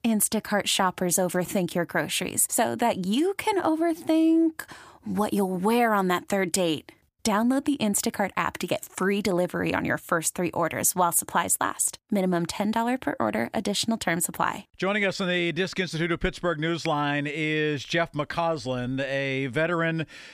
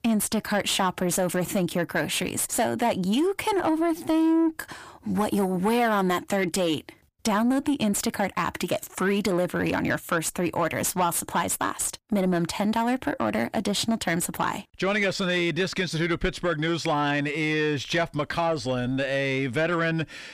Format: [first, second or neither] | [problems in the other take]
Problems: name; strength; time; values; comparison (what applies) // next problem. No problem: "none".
first | distortion; slight; 10 dB below the speech